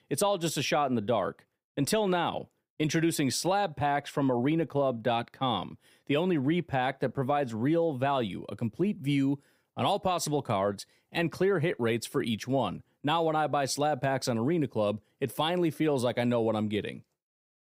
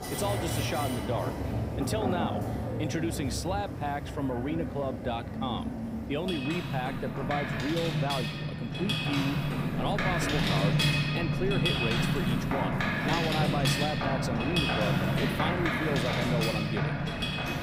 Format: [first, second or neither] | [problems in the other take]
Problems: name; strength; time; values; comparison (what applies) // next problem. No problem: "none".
first | machinery noise; very loud; throughout; 4 dB above the speech